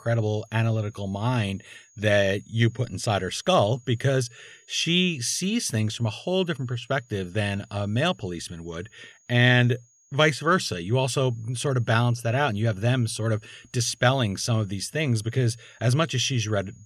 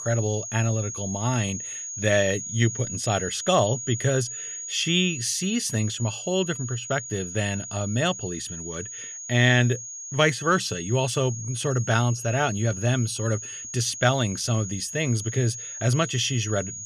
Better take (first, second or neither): first